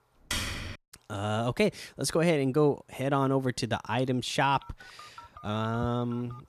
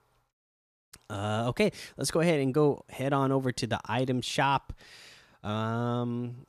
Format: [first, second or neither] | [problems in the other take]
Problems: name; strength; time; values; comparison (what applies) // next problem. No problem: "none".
second | keyboard typing; noticeable; at 0.5 s; peak 3 dB below the speech // phone ringing; faint; from 4.5 s on; peak 15 dB below the speech